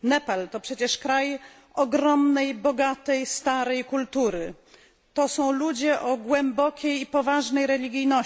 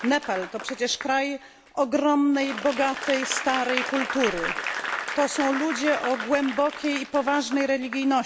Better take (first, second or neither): first